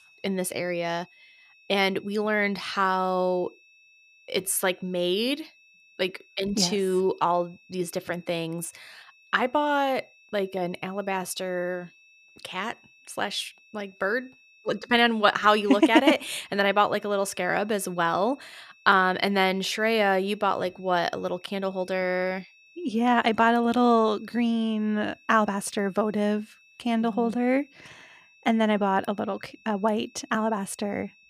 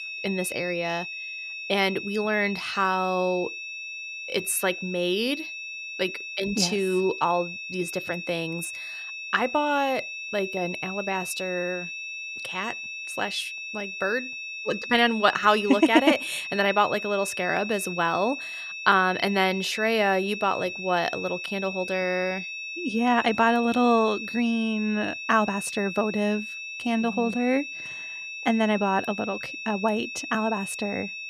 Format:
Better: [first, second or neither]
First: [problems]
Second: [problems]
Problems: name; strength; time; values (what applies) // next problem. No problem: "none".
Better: first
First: high-pitched whine; faint; throughout; 2.5 kHz, 30 dB below the speech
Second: high-pitched whine; loud; throughout; 2.5 kHz, 7 dB below the speech